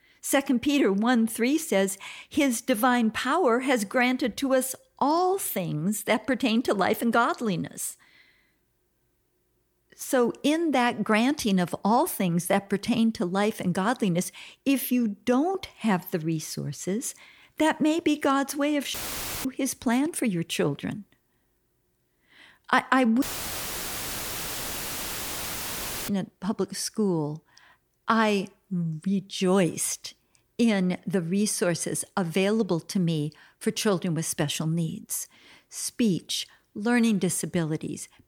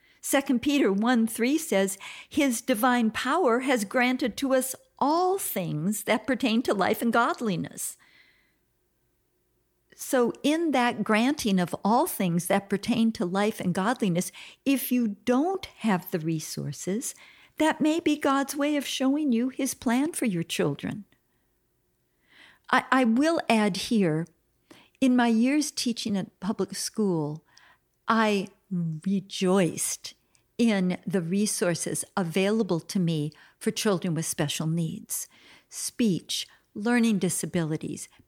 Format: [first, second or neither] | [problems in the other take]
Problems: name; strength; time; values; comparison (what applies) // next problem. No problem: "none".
second | audio cutting out; filled with static; at 19 s for 0.5 s and at 23 s for 3 s